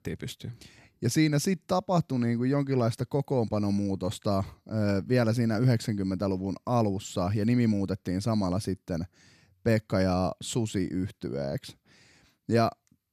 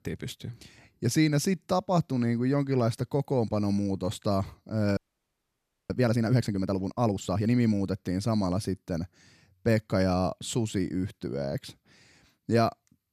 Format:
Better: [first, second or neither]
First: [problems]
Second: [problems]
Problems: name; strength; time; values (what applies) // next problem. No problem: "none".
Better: first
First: none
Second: audio freezing; at 5 s for 1 s